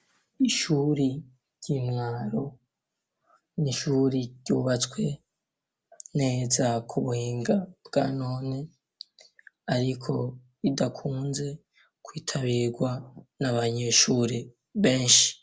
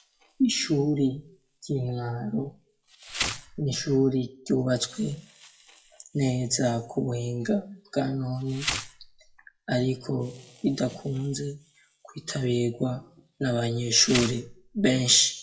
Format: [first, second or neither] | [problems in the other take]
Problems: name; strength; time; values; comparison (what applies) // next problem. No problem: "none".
first | noise reduction (classical method WPE with log-MMSE)